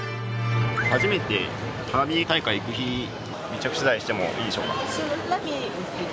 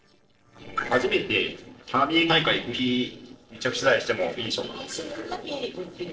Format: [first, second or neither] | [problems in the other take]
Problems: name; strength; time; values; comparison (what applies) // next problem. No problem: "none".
first | noise reduction (neural separator model SepFormer DNS4)